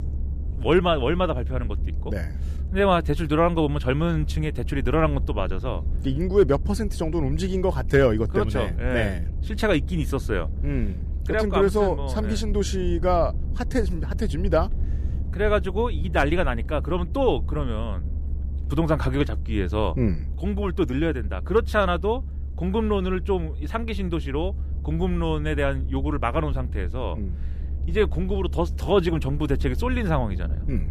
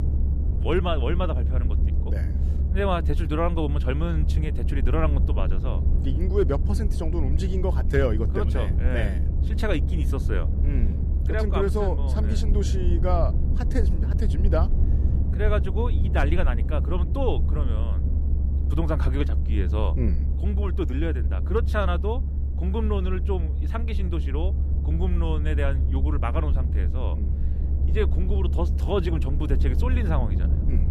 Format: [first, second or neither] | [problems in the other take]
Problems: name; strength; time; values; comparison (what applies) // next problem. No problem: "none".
first | low rumble; loud; throughout; 9 dB below the speech; faint in the first